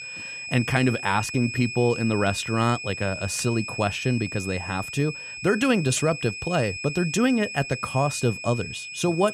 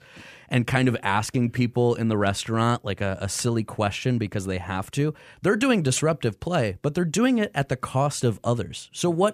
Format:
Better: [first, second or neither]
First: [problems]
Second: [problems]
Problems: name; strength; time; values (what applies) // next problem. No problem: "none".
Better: second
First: high-pitched whine; loud; throughout; 2.5 kHz, 8 dB below the speech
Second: none